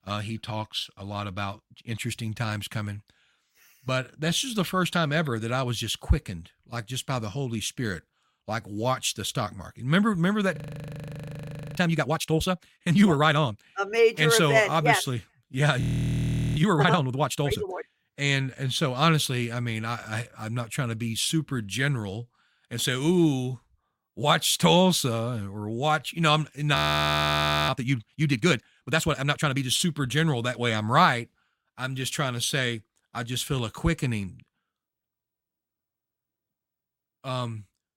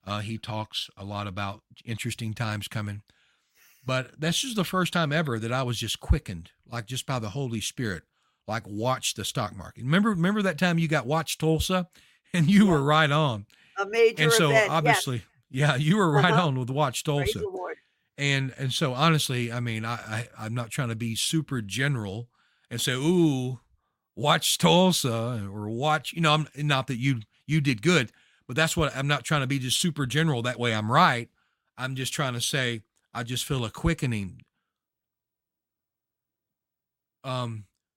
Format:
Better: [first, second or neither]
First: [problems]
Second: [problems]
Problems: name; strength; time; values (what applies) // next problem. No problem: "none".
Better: second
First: audio freezing; at 11 s for 1 s, at 16 s for 0.5 s and at 27 s for 1 s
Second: none